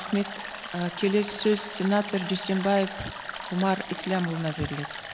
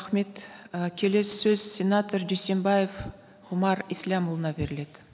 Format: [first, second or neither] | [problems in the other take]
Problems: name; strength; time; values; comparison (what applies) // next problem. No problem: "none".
second | background sound (Stream); 10 dB below the speech